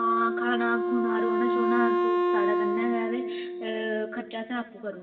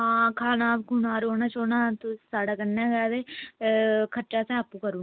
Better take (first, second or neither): second